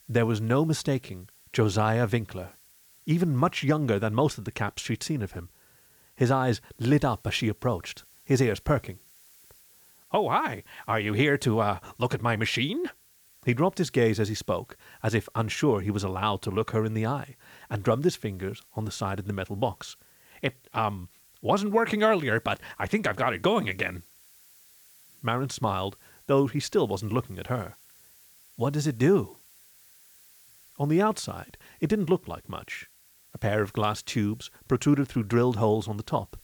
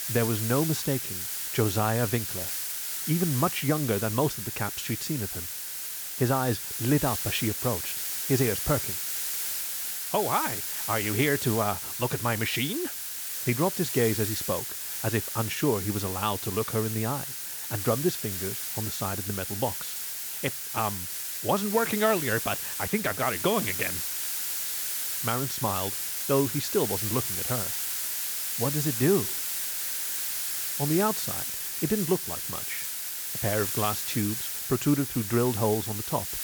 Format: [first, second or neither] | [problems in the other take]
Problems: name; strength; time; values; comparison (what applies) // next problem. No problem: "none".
first | hiss; loud; throughout; 1 dB below the speech; faint in the first